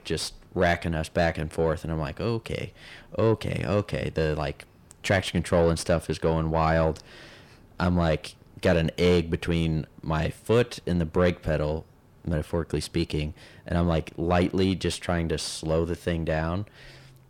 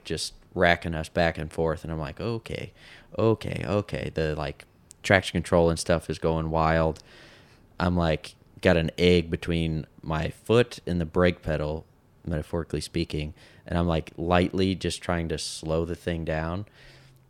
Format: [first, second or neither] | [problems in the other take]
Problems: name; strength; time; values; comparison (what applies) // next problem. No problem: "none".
second | distortion; slight; 10 dB below the speech